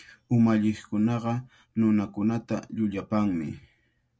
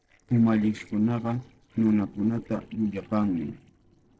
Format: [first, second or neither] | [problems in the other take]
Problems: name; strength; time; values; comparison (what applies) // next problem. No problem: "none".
first | noise reduction (neural separator model SepFormer DNS4)